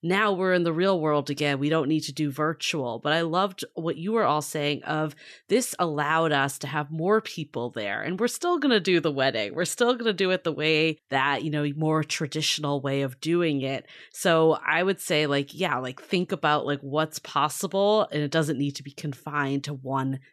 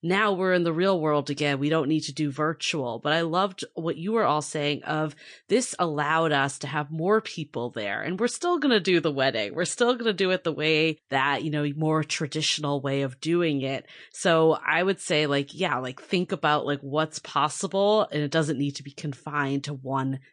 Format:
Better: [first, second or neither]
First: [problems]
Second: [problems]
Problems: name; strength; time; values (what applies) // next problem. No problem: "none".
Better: first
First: none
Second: garbled, watery; slightly; nothing above 8.5 kHz